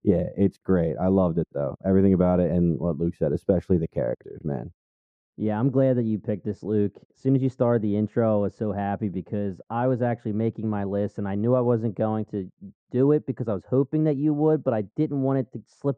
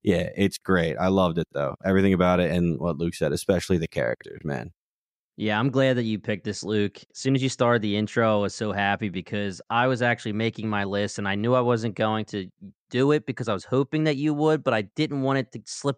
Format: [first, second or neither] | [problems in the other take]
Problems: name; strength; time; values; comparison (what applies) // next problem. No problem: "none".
second | muffled; very; fading above 1.5 kHz